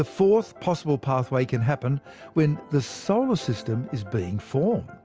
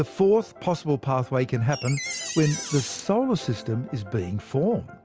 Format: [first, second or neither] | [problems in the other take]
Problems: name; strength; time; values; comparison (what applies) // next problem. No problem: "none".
first | background sound (Door); 9 dB below the speech